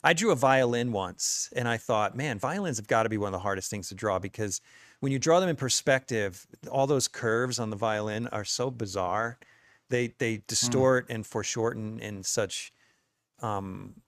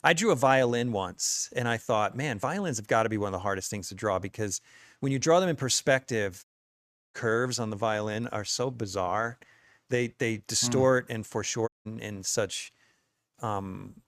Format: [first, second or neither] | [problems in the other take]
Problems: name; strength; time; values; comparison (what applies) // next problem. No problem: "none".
first | audio cutting out; at 6.5 s for 0.5 s and at 12 s